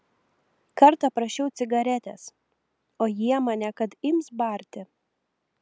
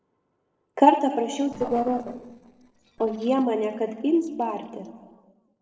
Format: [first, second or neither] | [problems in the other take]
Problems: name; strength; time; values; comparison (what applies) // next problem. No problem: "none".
first | noise reduction (neural separator model SepFormer DNS4)